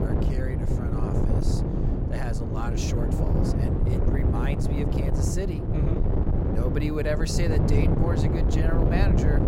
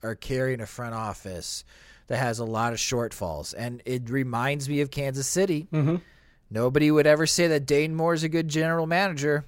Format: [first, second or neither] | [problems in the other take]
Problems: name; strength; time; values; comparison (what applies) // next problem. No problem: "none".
second | wind noise on the microphone; heavy; 2 dB above the speech